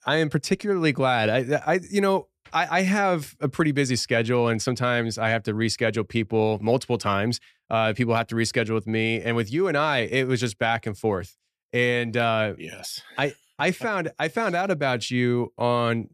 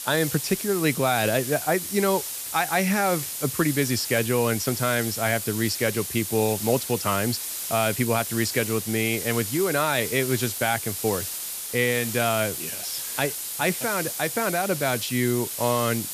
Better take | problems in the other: first | hiss; loud; throughout; 4 dB below the speech

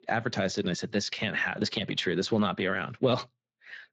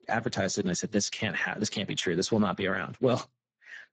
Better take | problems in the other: first | garbled, watery; badly; nothing above 7.5 kHz; slightly in the first

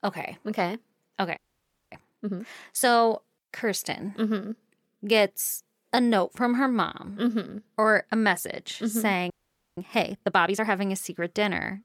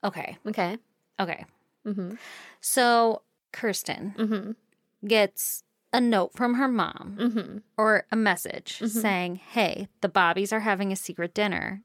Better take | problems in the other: second | audio freezing; at 1.5 s for 0.5 s and at 9.5 s

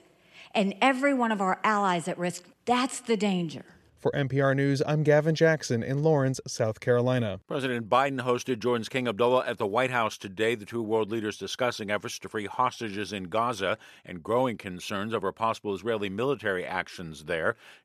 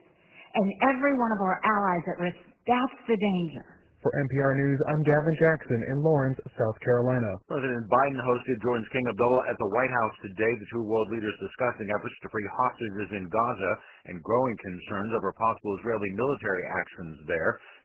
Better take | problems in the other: first | garbled, watery; badly

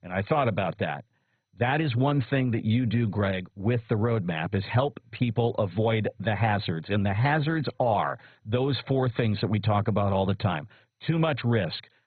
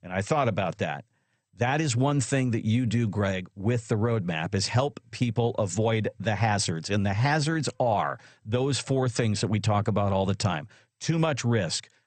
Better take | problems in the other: second | garbled, watery; badly; nothing above 4 kHz; slightly in the second

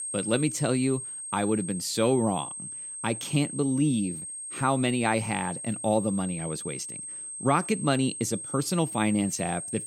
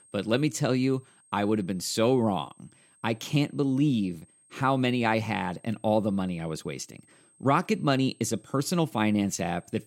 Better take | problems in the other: second | high-pitched whine; loud; throughout; 8.5 kHz, 7 dB below the speech; faint in the second

